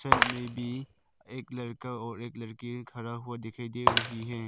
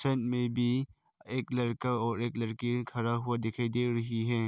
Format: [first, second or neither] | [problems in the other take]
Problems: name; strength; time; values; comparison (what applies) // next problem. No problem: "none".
second | background sound (Shatter); 4 dB above the speech